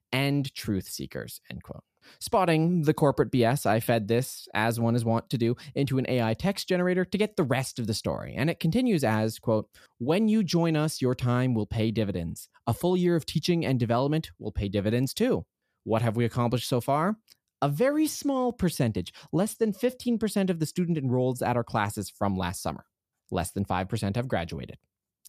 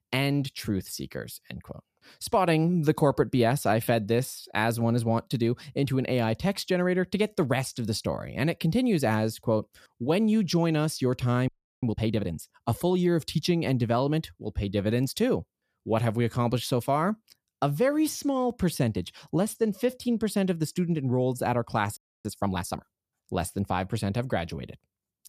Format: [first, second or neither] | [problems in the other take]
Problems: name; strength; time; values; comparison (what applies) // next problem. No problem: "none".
first | audio freezing; at 11 s and at 22 s